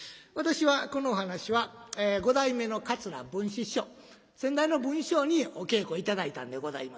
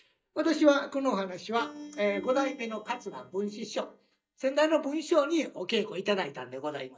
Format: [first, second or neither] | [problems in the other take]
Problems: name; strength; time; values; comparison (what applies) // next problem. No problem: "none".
first | noise reduction (neural mask model DeepFilterNet 3)